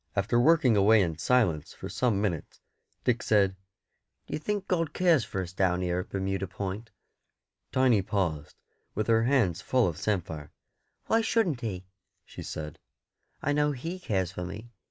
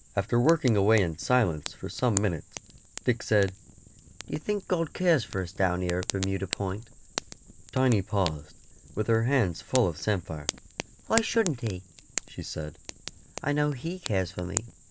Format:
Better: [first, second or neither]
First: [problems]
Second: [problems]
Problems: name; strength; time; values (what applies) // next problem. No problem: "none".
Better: first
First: none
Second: background sound (Fire); 12 dB below the speech